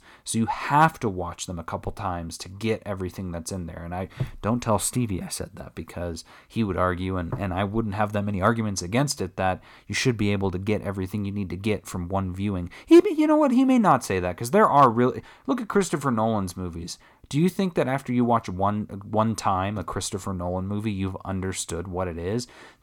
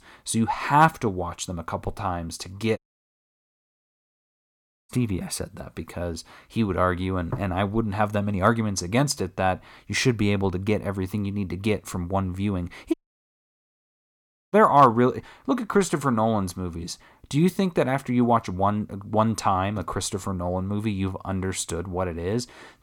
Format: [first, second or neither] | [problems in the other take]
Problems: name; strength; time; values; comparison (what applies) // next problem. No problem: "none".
first | audio cutting out; at 3 s for 2 s and at 13 s for 1.5 s